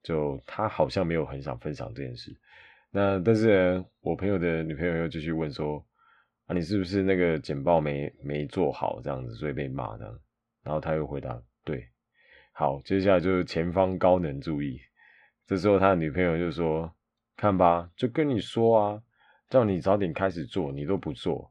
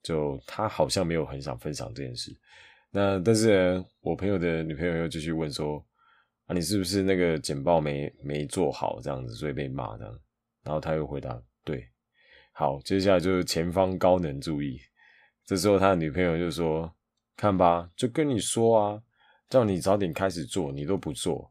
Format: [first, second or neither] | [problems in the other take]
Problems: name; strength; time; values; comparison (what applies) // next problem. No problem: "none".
second | muffled; slightly; fading above 2.5 kHz